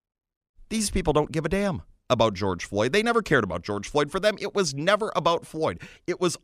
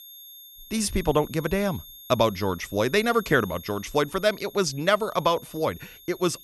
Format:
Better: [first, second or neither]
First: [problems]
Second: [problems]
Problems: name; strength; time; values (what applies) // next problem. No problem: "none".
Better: first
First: none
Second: high-pitched whine; noticeable; throughout; 3.5 kHz, 20 dB below the speech